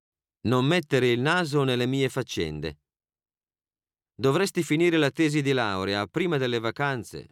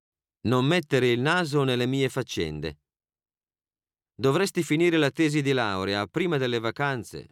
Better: neither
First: none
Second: none

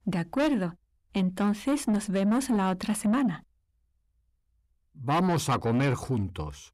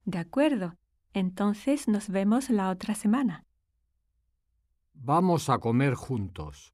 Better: second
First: distortion; slight; 10 dB below the speech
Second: none

